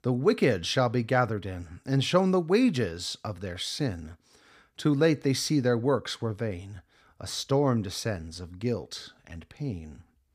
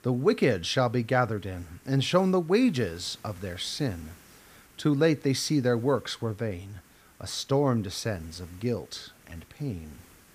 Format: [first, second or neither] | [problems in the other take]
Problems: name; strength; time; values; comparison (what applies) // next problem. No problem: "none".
first | hiss; faint; throughout; 25 dB below the speech